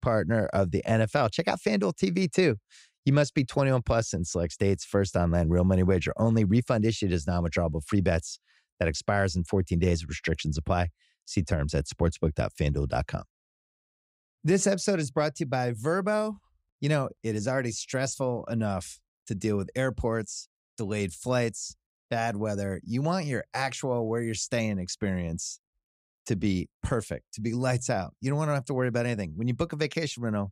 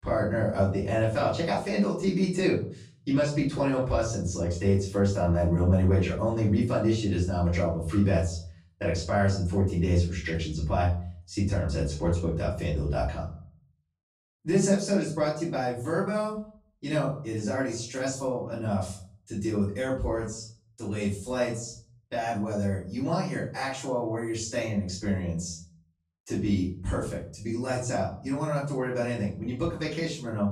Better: first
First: none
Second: off-mic speech; far // room echo; noticeable; dies away in 0.4 s

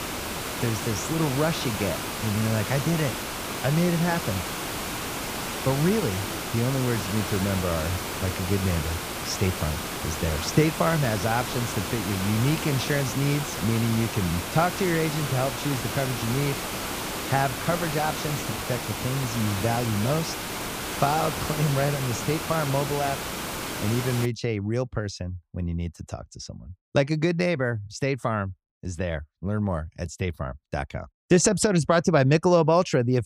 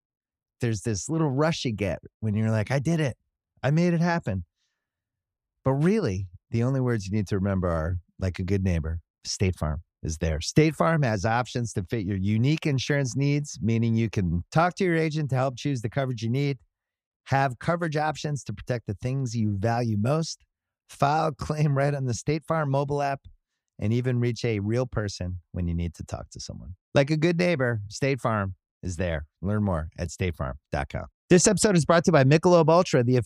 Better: second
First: hiss; loud; until 24 s; 4 dB below the speech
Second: none

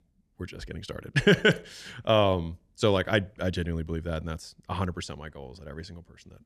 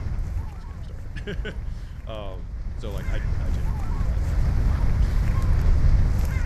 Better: first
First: none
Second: wind noise on the microphone; heavy; 2 dB above the speech

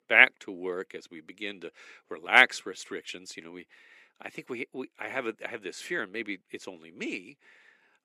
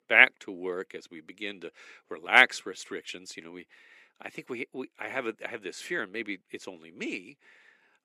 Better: neither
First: thin; somewhat; fading below 300 Hz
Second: thin; somewhat; fading below 300 Hz

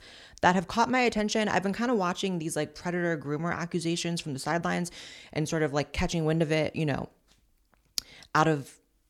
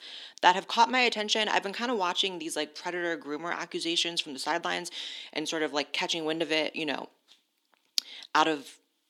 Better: first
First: none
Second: thin; somewhat; fading below 250 Hz

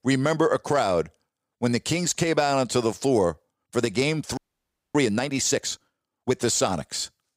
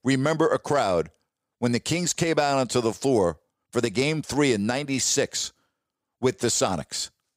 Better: second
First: audio freezing; at 4.5 s for 0.5 s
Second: none

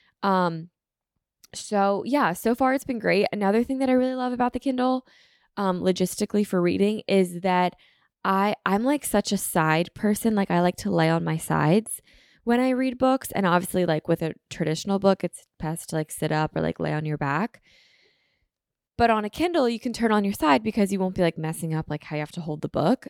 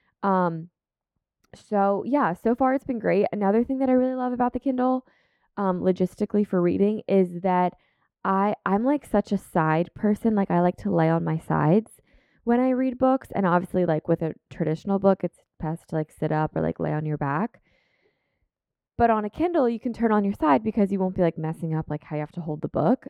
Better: first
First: none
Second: muffled; very; fading above 2.5 kHz

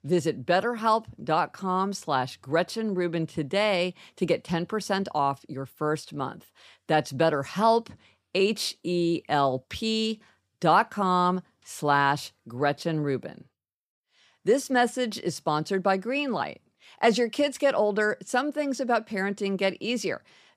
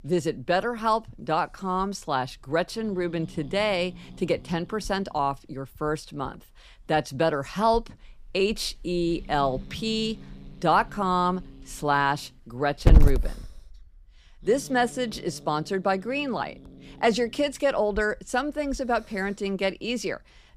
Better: first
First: none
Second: hiss; loud; throughout; 4 dB below the speech

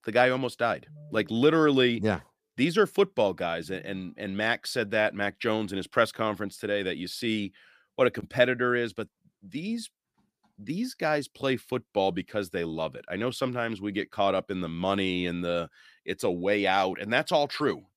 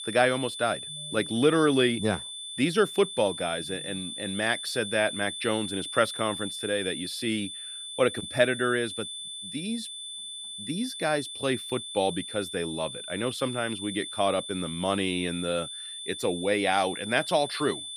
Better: first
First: none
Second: high-pitched whine; loud; throughout; 3.5 kHz, 7 dB below the speech

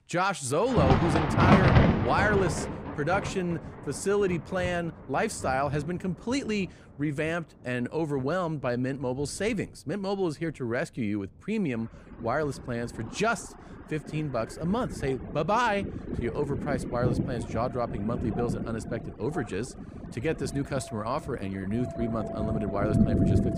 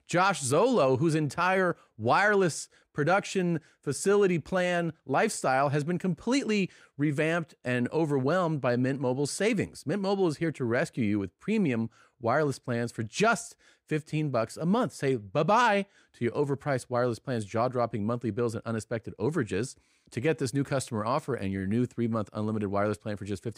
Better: second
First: rain or running water; very loud; throughout; as loud as the speech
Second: none

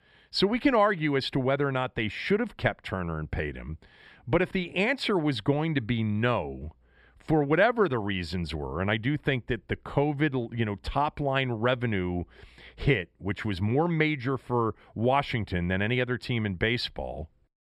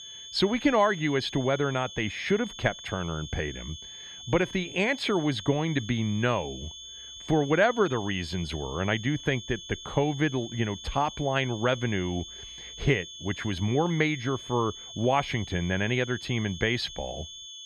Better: first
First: none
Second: high-pitched whine; noticeable; throughout; 3.5 kHz, 10 dB below the speech

